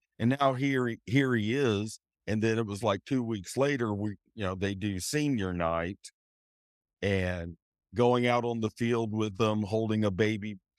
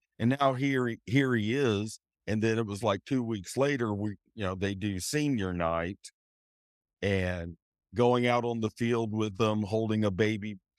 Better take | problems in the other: neither | none

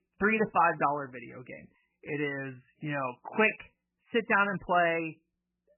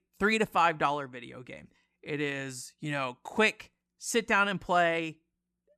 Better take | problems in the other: second | garbled, watery; badly; nothing above 3 kHz

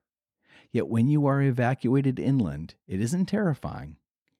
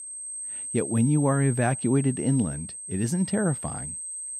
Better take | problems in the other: first | high-pitched whine; loud; throughout; 8.5 kHz, 8 dB below the speech

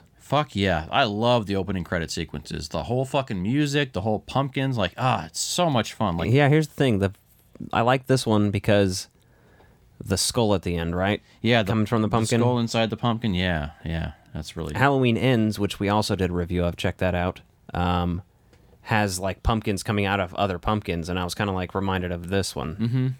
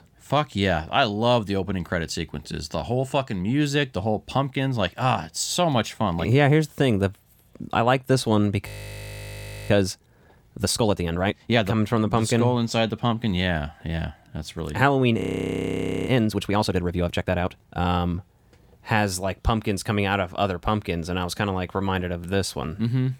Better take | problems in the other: first | audio freezing; at 8.5 s for 1 s and at 15 s for 1 s

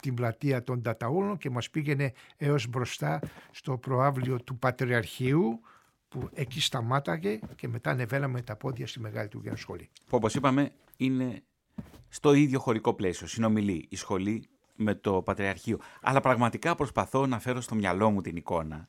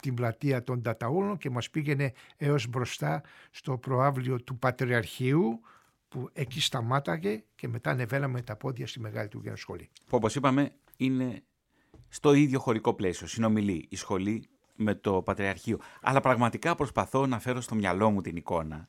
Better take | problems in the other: second | footsteps; faint; from 3 to 12 s; peak 10 dB below the speech

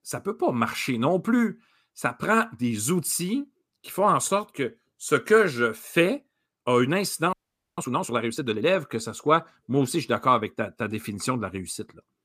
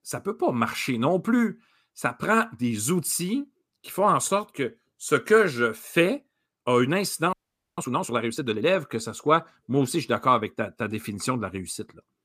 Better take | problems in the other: neither | audio freezing; at 7.5 s; the same in both

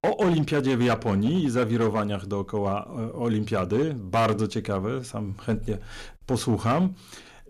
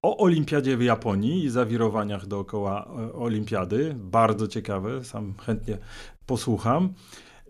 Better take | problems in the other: second | distortion; slight; 7% of the sound clipped

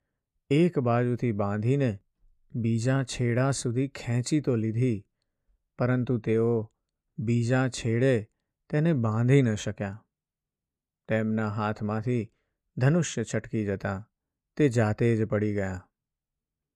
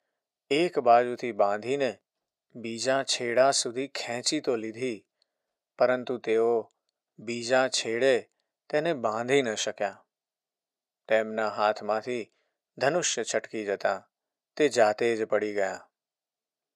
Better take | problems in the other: first | thin; very; fading below 500 Hz

